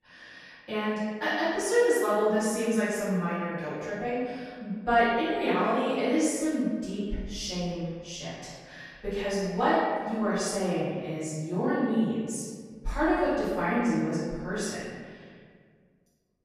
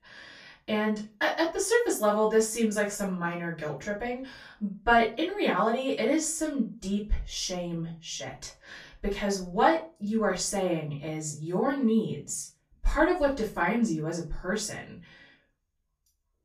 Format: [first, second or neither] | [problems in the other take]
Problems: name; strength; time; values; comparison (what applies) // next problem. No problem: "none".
second | room echo; strong; dies away in 1.7 s; slight in the second // off-mic speech; far; far in the second